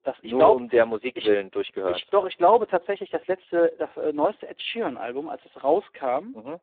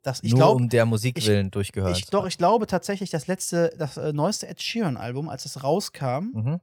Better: second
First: phone-call audio; poor line; nothing above 3.5 kHz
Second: none

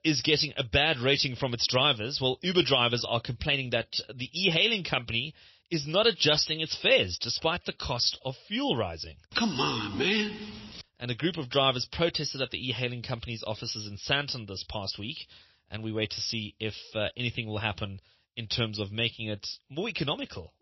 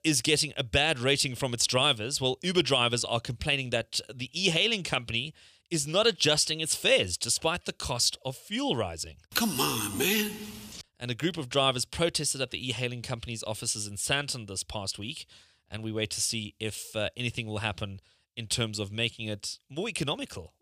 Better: second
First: garbled, watery; slightly; nothing above 5.5 kHz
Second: none

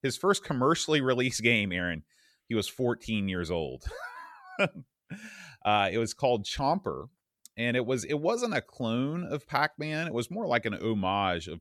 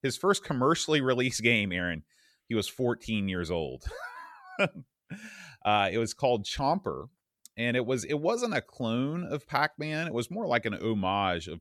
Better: neither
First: none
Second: none

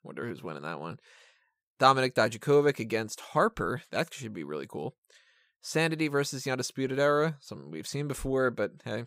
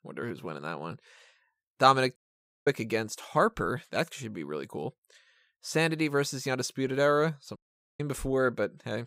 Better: first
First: none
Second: audio cutting out; at 2 s for 0.5 s and at 7.5 s

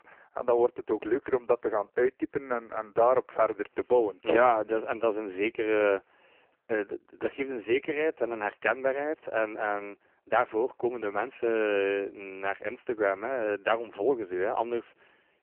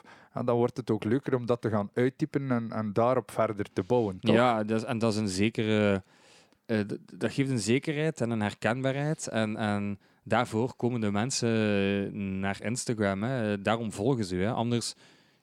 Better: second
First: phone-call audio; poor line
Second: none

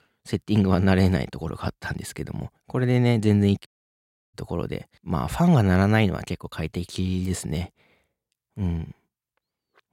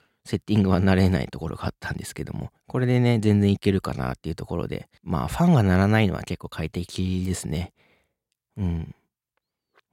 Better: second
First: audio cutting out; at 3.5 s for 0.5 s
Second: none

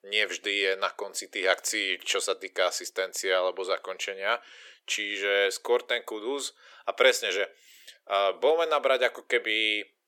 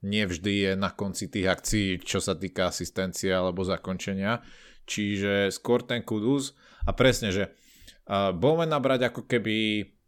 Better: second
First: thin; very; fading below 400 Hz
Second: none

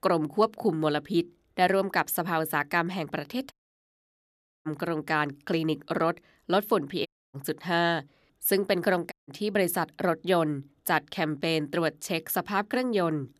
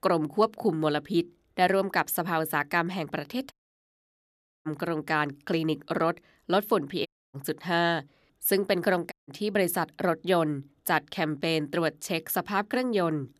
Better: neither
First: audio cutting out; at 3.5 s for 1 s, at 7 s and at 9 s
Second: audio cutting out; at 3.5 s for 1 s, at 7 s and at 9 s

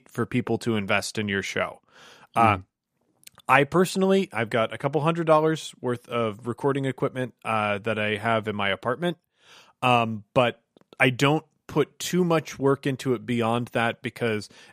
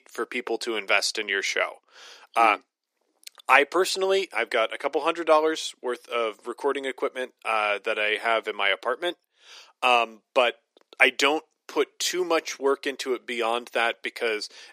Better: first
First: none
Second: thin; very; fading below 350 Hz

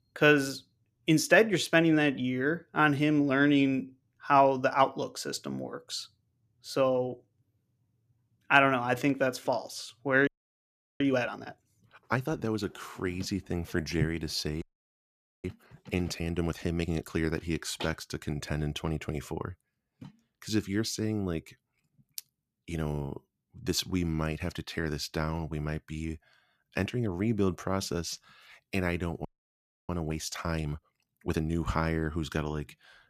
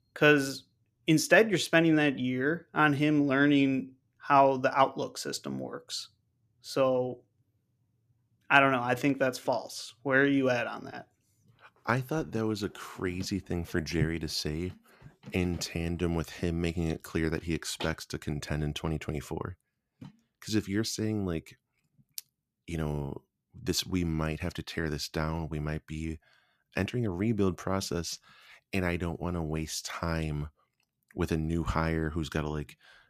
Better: second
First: audio freezing; at 10 s for 0.5 s, at 15 s for 1 s and at 29 s for 0.5 s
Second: none

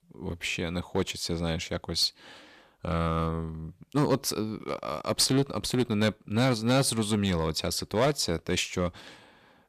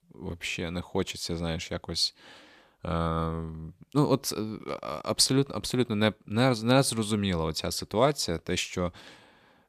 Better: second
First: distortion; slight; 3% of the sound clipped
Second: none

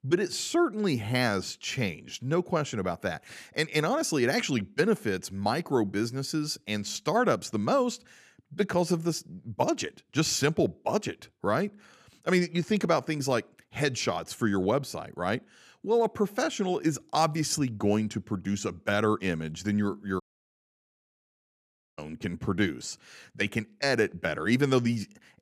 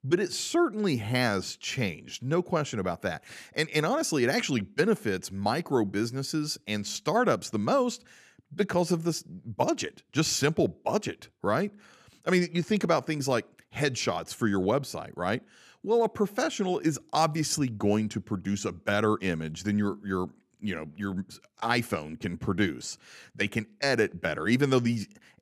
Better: second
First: audio cutting out; at 20 s for 2 s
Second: none

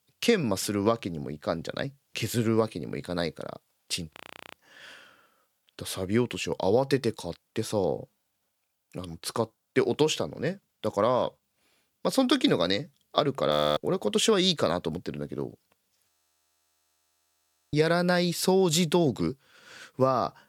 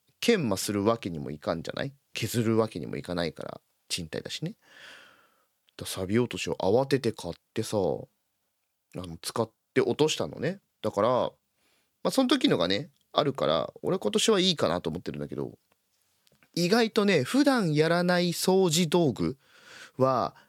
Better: second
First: audio freezing; at 4 s, at 14 s and at 16 s for 1.5 s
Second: none

